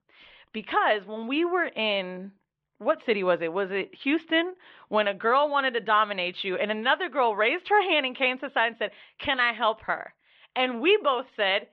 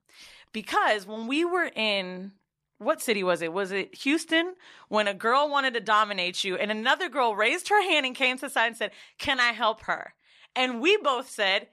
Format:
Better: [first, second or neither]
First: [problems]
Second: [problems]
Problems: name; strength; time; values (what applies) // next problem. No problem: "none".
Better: second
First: muffled; very; fading above 3.5 kHz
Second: none